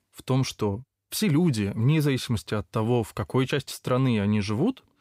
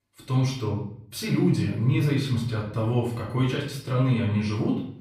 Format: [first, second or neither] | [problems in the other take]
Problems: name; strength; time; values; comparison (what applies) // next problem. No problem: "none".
first | off-mic speech; far // room echo; noticeable; dies away in 0.6 s